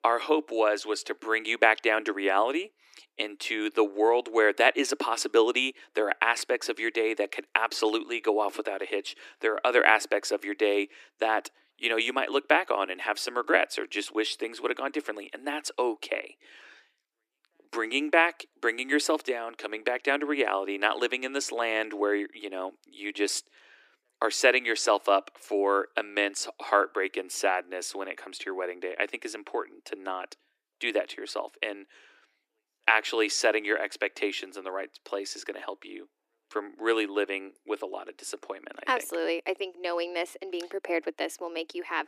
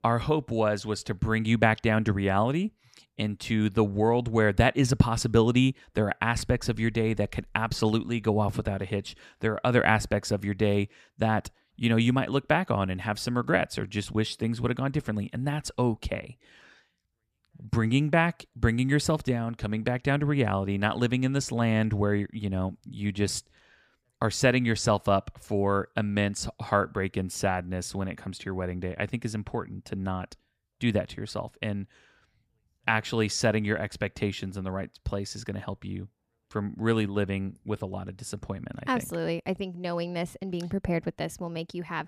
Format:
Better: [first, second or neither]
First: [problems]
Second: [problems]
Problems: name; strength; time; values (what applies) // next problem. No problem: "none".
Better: second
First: thin; very; fading below 300 Hz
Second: none